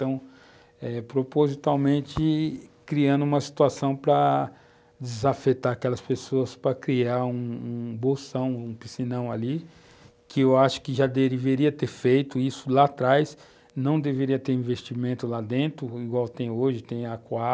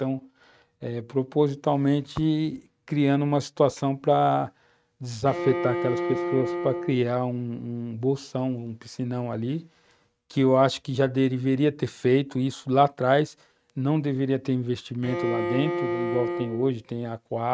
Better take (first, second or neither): first